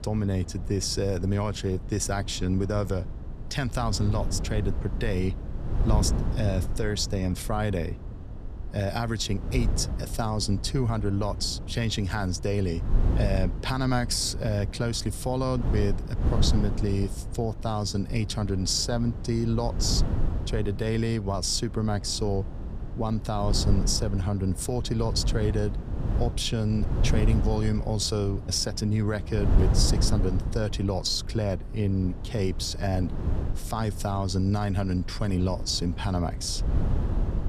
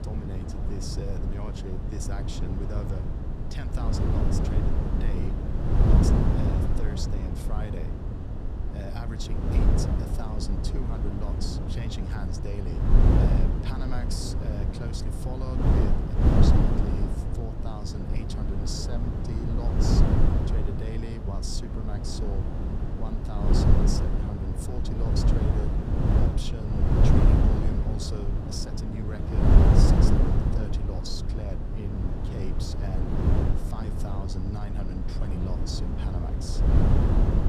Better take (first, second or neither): first